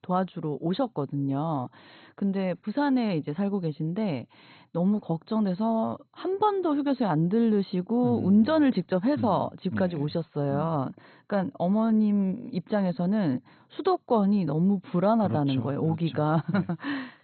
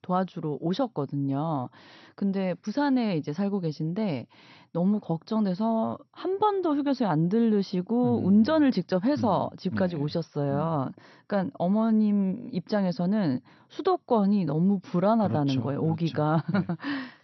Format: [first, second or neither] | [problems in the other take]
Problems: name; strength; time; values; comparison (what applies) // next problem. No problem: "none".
second | garbled, watery; badly; nothing above 4 kHz; slightly in the second